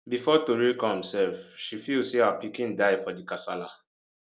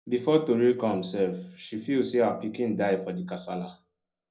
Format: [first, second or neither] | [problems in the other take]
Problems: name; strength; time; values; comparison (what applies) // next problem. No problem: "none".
first | room echo; dies away in 0.4 s